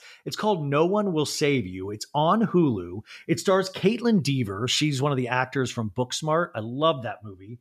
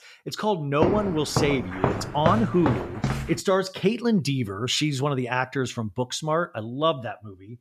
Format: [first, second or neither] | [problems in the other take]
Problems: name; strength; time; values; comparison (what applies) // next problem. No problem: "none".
first | footsteps; noticeable; from 1 to 3.5 s; peak level with the speech